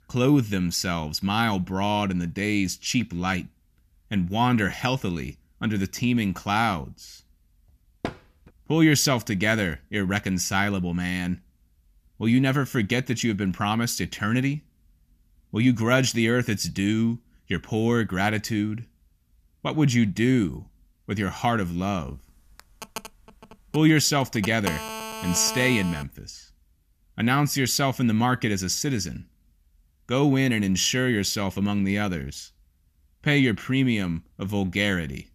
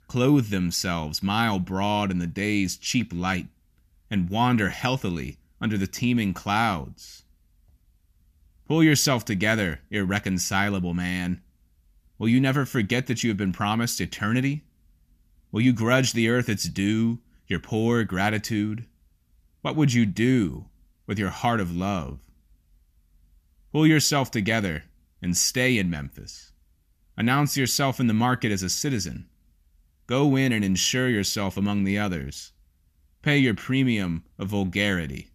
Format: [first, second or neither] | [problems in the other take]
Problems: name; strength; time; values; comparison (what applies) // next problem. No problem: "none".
second | door banging; faint; at 8 s; peak 10 dB below the speech // phone ringing; noticeable; from 23 to 26 s; peak 7 dB below the speech